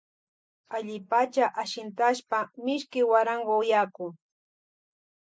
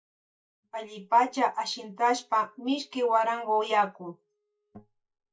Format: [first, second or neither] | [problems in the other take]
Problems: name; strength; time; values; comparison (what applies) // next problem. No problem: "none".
first | noise reduction (neural mask model DeepFilterNet 3)